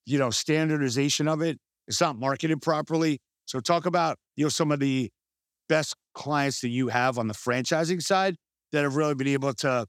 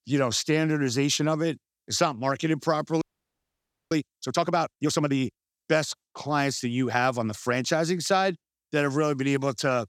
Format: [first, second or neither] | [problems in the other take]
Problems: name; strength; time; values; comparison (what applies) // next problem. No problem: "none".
first | audio freezing; at 3 s for 1 s